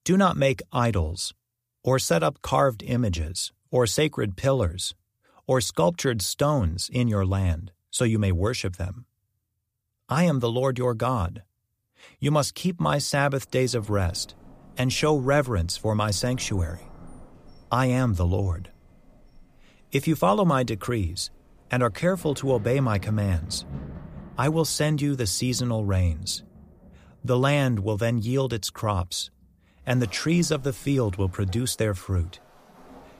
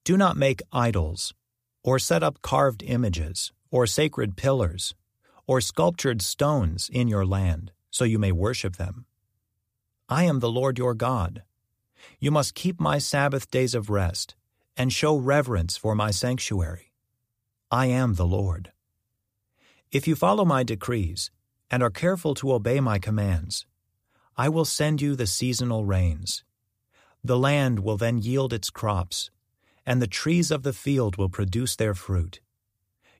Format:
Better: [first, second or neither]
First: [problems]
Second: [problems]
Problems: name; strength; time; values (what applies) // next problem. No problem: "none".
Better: second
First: rain or running water; faint; from 14 s on; 25 dB below the speech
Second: none